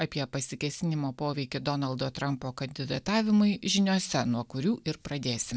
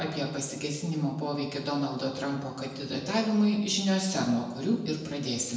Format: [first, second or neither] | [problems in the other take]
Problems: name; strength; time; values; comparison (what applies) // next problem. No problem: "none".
first | room echo; dies away in 0.9 s